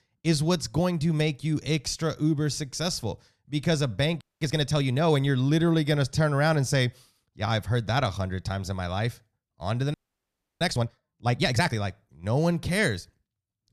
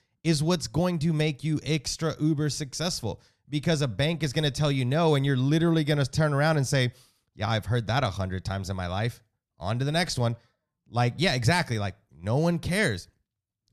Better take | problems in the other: second | audio freezing; at 4 s and at 10 s for 0.5 s

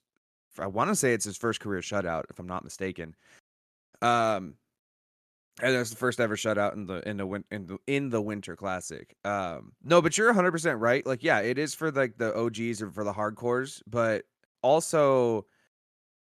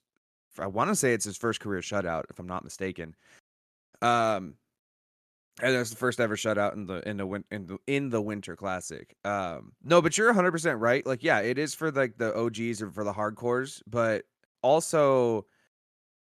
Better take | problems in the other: neither | none

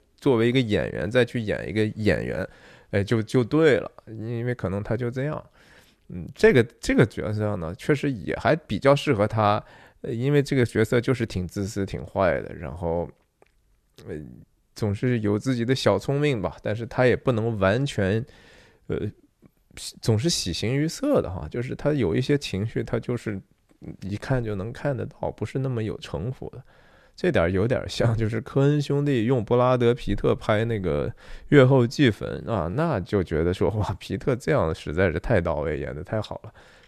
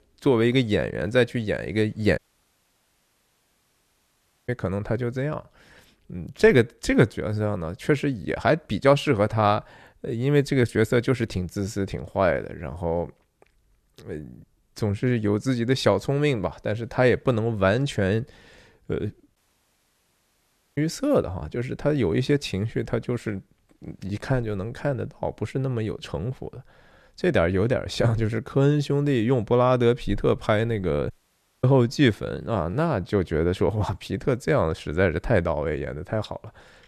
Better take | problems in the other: first | audio cutting out; at 2 s for 2.5 s, at 19 s for 1.5 s and at 31 s for 0.5 s

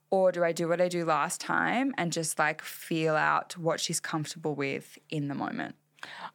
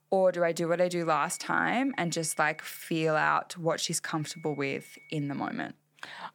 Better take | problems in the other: first | high-pitched whine; faint; from 1 to 3 s and from 4 to 5.5 s; 2 kHz, 25 dB below the speech

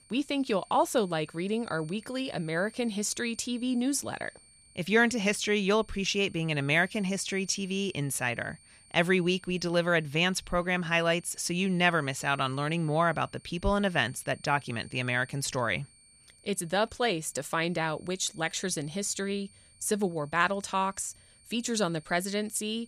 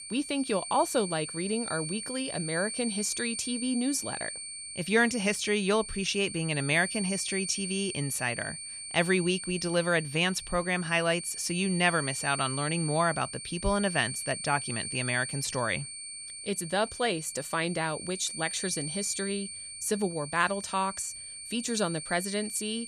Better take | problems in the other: first | high-pitched whine; loud; throughout; 8.5 kHz, 7 dB below the speech; faint in the first

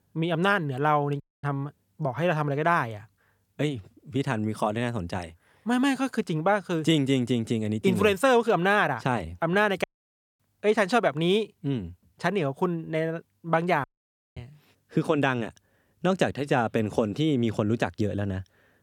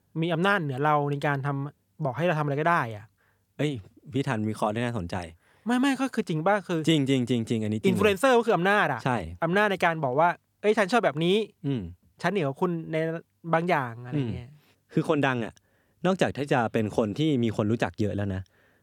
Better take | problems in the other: second | audio cutting out; at 1 s, at 10 s for 0.5 s and at 14 s for 0.5 s

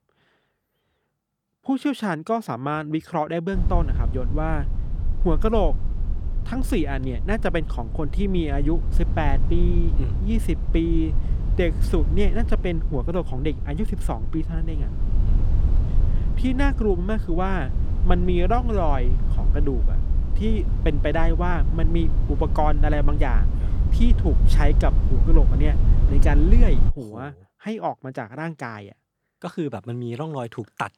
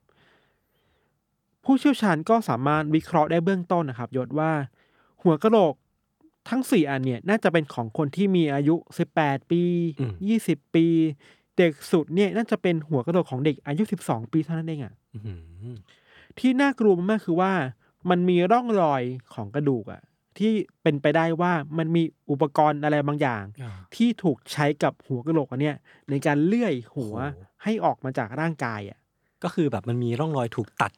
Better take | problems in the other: second | low rumble; noticeable; from 3.5 to 27 s; 10 dB below the speech

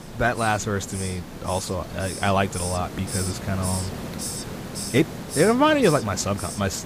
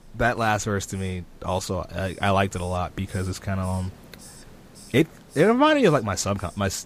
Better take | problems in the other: second | hiss; loud; throughout; 8 dB below the speech; faint in the second

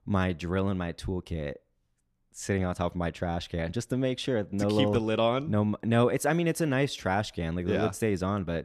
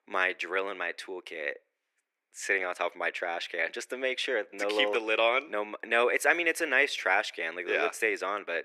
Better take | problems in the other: first | thin; very; fading below 350 Hz

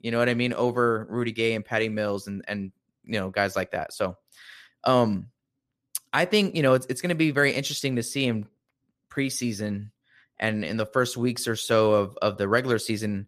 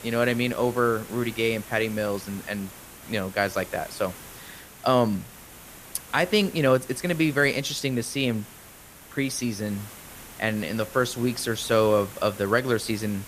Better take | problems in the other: first | hiss; noticeable; throughout; 15 dB below the speech

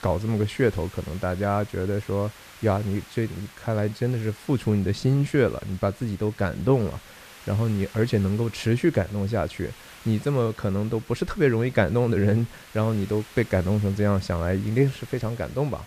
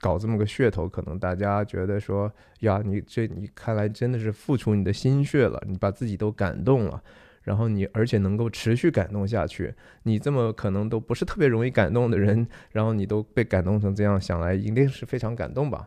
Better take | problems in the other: second | hiss; faint; throughout; 20 dB below the speech

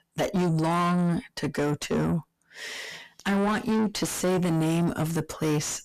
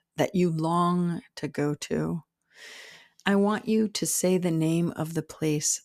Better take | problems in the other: second | distortion; heavy; 6 dB below the speech

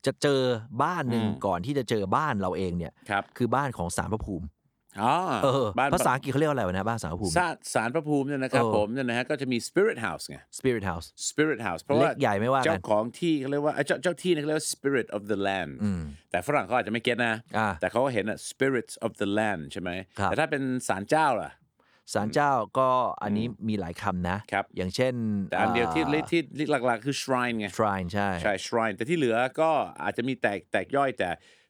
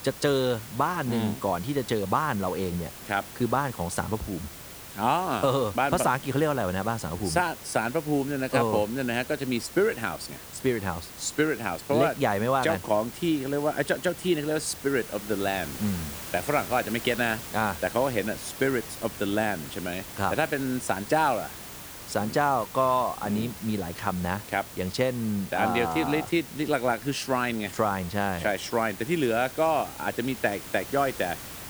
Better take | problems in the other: first | hiss; noticeable; throughout; 10 dB below the speech

